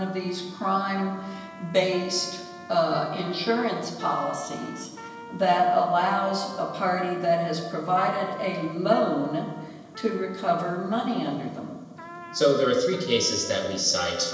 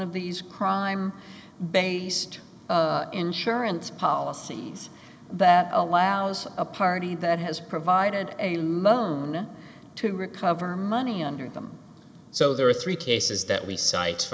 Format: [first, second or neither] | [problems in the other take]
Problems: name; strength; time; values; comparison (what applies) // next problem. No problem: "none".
second | background sound (Trumpet); 16 dB below the speech // room echo; dies away in 1 s